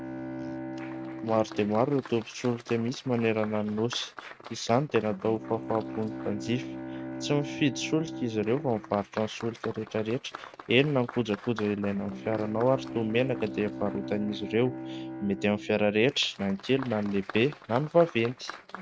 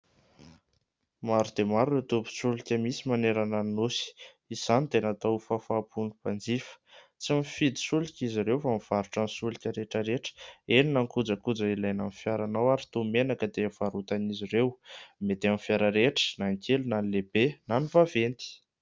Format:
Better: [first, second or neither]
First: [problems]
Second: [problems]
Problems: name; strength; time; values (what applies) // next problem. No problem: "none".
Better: second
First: noise reduction (neural mask model RNNoise)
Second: none